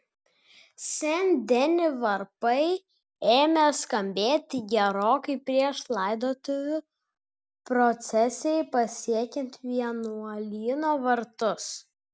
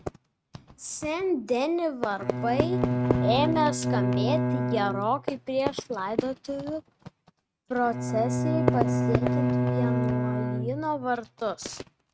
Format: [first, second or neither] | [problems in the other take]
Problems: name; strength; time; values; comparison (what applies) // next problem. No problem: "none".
first | noise reduction (neural mask model RNNoise)